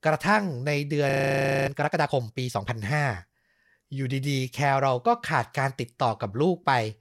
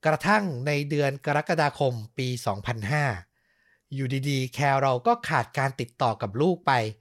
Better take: second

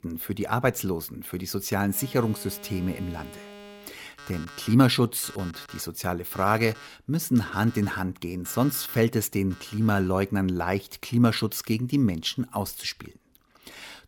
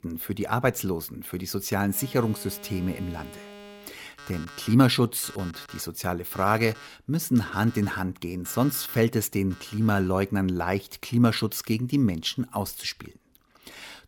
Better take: neither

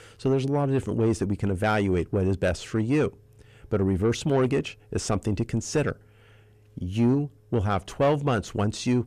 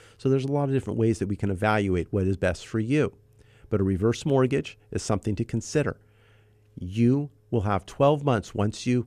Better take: second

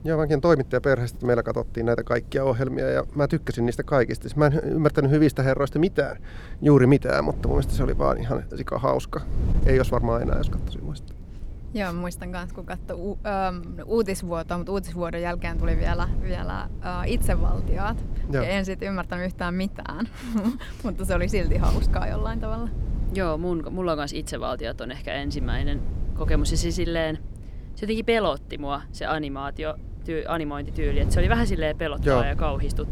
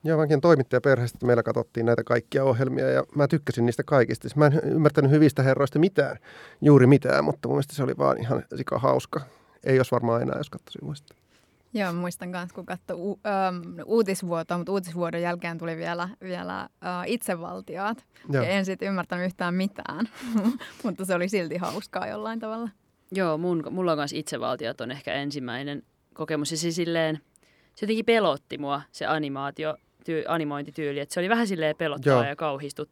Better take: second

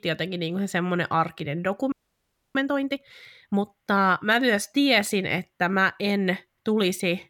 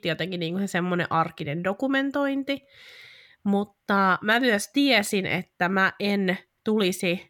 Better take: second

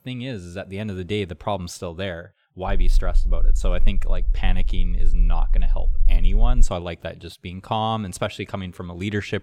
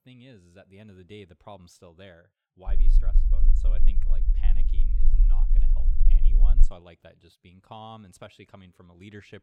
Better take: first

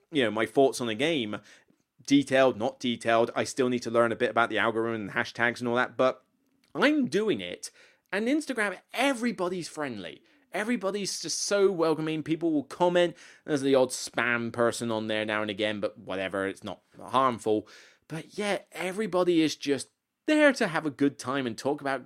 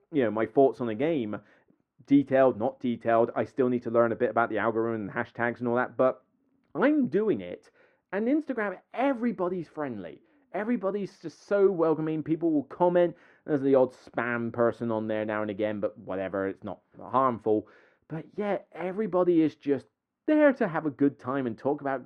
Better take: first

